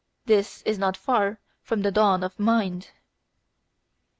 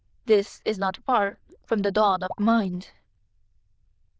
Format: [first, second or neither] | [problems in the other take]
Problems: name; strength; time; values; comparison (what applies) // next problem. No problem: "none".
first | noise reduction (neural diffusion model UNIVERSE++)